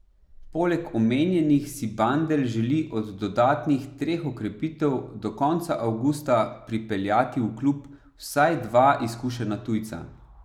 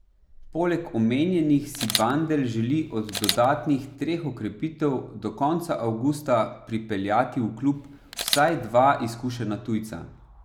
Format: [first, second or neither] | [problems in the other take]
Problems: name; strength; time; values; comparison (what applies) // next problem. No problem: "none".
first | background sound (Camera); 8 dB below the speech